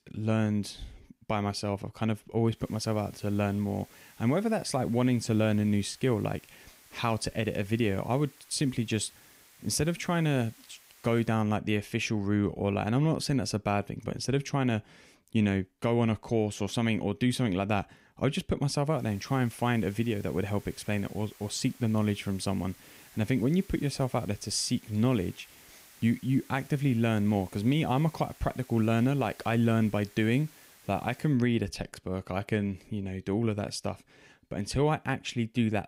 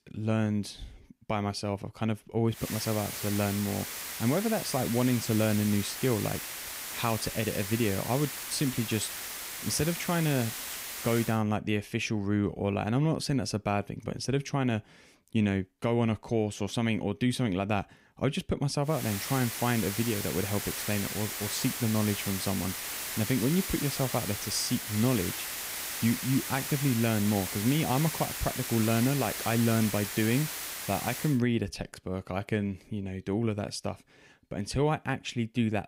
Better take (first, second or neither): first